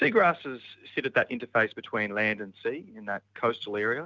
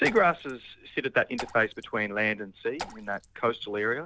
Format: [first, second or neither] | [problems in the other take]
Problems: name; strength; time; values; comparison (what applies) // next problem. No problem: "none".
first | background sound (Raindrop / Splash, splatter); 17 dB below the speech